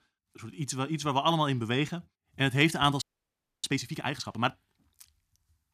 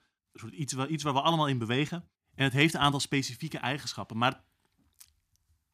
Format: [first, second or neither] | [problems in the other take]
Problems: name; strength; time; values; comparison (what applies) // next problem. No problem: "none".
second | audio freezing; at 3 s for 0.5 s